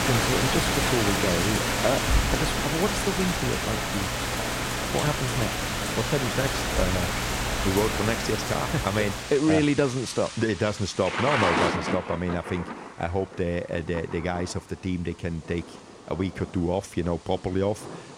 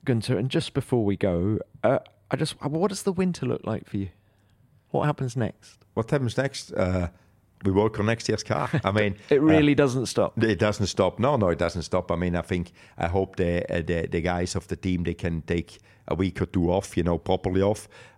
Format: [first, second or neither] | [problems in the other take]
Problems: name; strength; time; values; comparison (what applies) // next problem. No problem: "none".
second | rain or running water; very loud; throughout; 1 dB above the speech